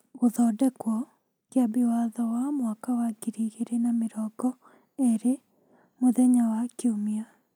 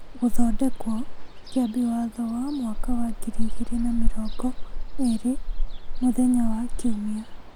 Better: first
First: none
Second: background sound (Ocean); 4 dB above the speech

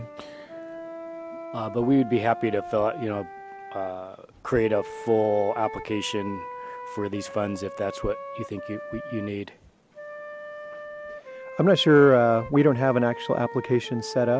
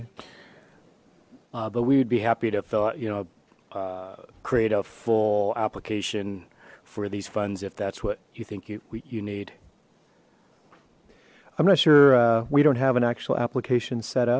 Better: second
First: background sound (Wind instrument, woodwind instrument); 13 dB below the speech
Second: none

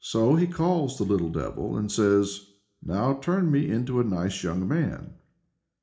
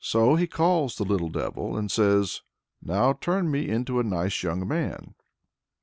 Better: second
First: room echo; dies away in 0.4 s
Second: none

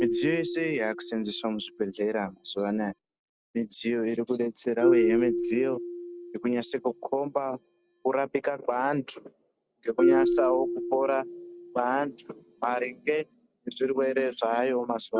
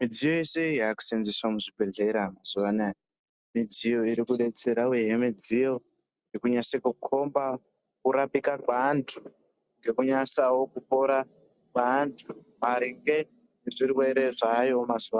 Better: second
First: background sound (Marimba, xylophone); 3 dB below the speech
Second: none

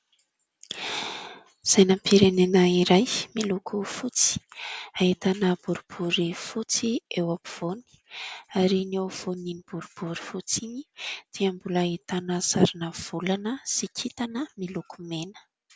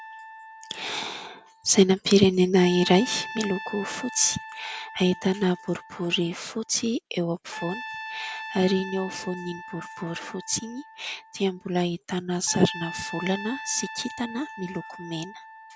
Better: first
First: none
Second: background sound (Trumpet); 14 dB below the speech

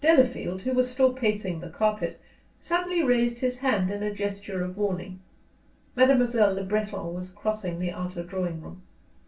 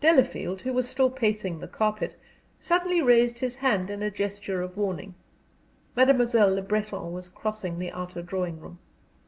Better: second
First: room echo; dies away in 0.2 s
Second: none

